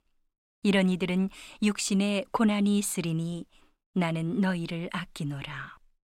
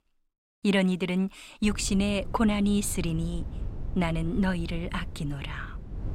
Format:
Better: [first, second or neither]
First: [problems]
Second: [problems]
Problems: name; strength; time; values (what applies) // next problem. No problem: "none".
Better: first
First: none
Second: wind noise on the microphone; occasional gusts; from 1.5 s on; 20 dB below the speech